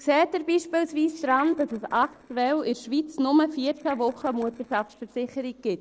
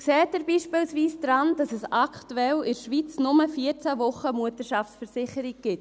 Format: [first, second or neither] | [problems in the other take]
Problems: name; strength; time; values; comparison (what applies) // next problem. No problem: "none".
second | noise reduction (neural separator model SepFormer DNS4)